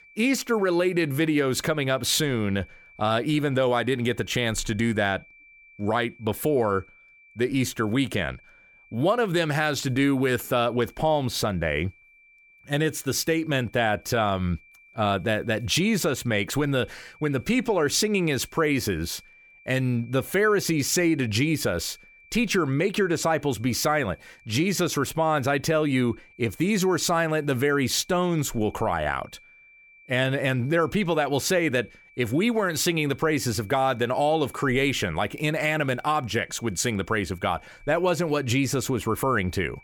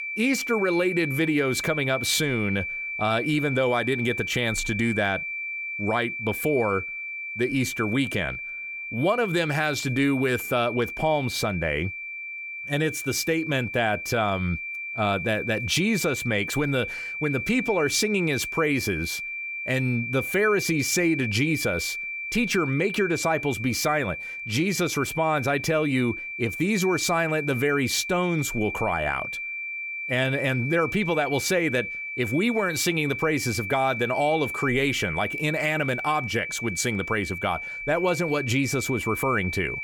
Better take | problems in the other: first | high-pitched whine; loud; throughout; 2.5 kHz, 5 dB below the speech; faint in the first

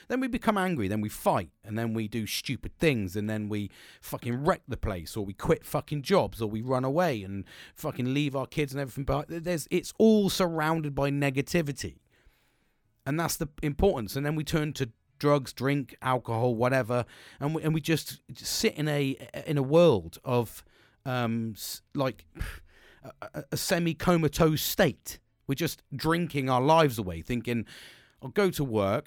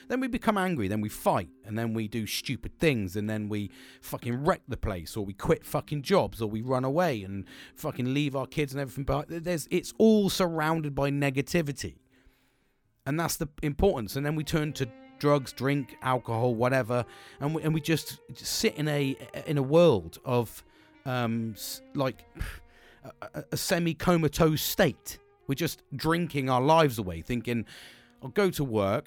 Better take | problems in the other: first | background music; faint; throughout; 30 dB below the speech

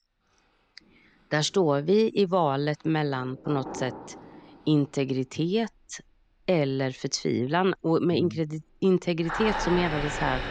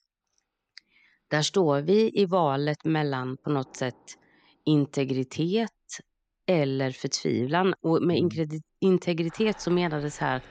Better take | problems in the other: second | household noises; loud; throughout; 8 dB below the speech; faint in the second

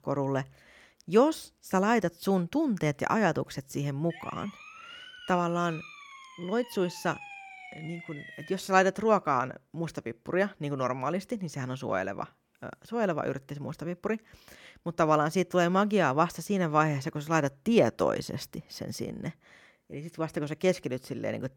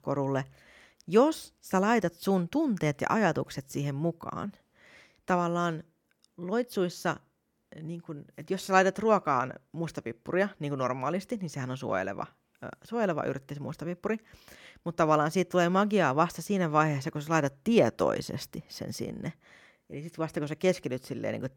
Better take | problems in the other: second | siren; faint; from 4 to 8.5 s; peak 15 dB below the speech

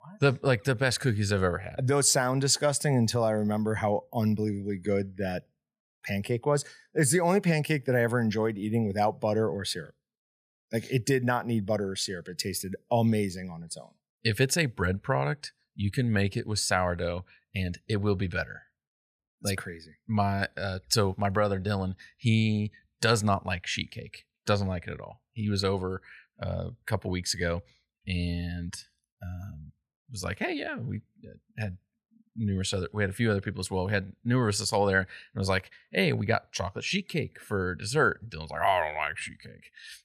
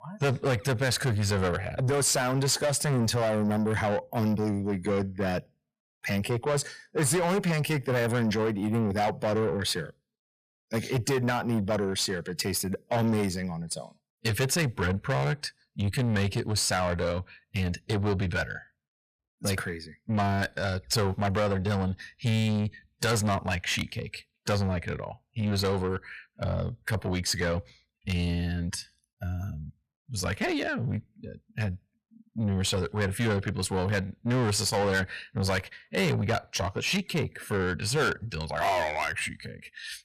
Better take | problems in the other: first | distortion; heavy; 7 dB below the speech

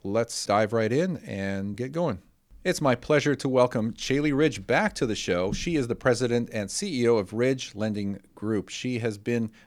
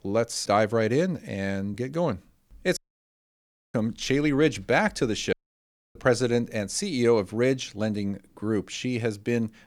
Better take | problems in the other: first | audio cutting out; at 3 s for 1 s and at 5.5 s for 0.5 s

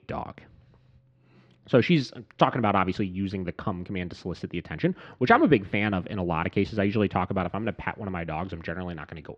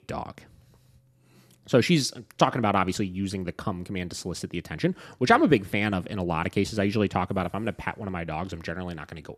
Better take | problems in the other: second | muffled; slightly; fading above 3.5 kHz

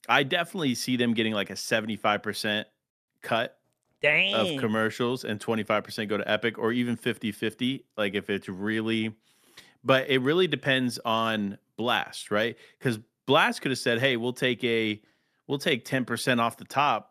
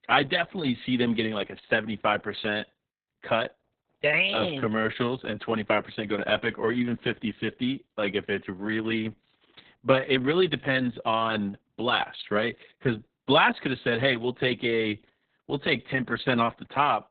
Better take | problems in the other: first | garbled, watery; badly; nothing above 3.5 kHz

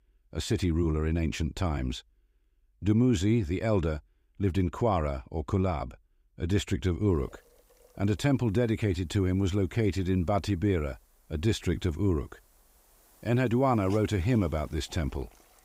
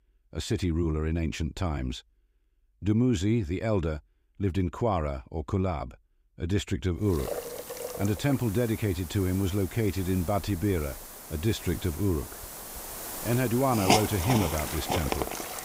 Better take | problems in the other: first | hiss; loud; from 7 s on; 5 dB below the speech; faint in the first

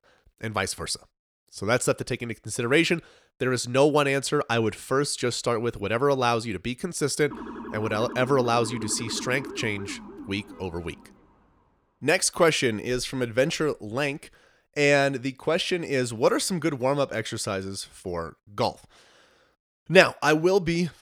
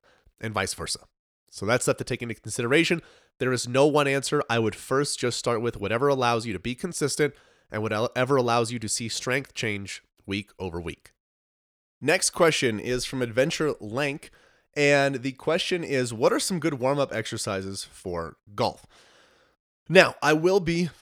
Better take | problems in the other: second | siren; faint; from 7.5 to 11 s; peak 10 dB below the speech

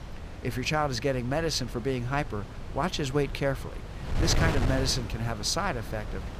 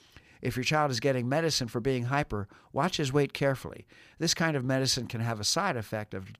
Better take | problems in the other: second | wind noise on the microphone; occasional gusts; 10 dB below the speech

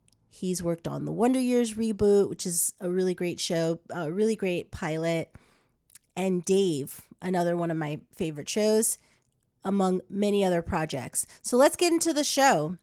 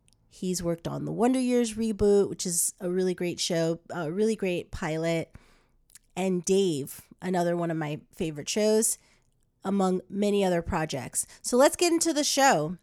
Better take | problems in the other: second | garbled, watery; slightly

